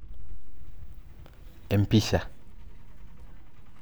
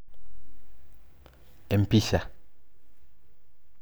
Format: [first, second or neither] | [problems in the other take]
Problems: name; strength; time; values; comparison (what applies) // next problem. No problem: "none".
second | background sound (Truck); 17 dB below the speech